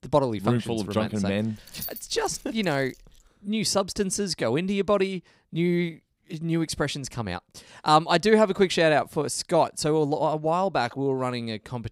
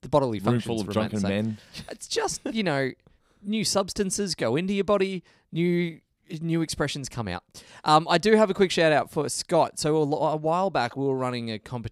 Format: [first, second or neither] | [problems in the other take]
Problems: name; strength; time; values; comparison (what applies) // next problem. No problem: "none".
second | jangling keys; noticeable; from 1.5 to 3 s; peak 10 dB below the speech